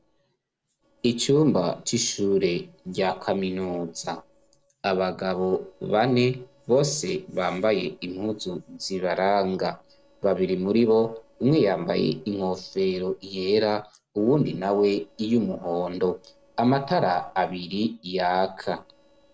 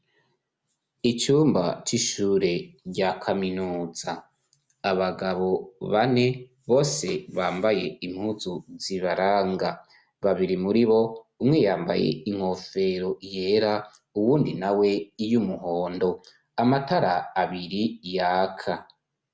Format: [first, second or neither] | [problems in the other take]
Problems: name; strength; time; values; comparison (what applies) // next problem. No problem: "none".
second | noise reduction (neural separator model SepFormer DNS4)